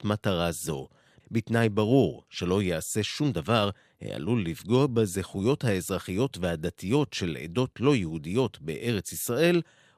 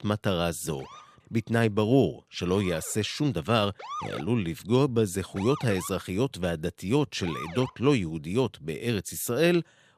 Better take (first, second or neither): first